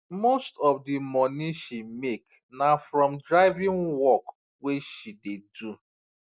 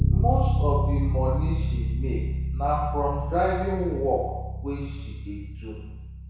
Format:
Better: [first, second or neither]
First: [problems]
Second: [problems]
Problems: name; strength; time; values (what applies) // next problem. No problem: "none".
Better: first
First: none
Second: background sound (Bass guitar); 3 dB above the speech // room echo; dies away in 1.1 s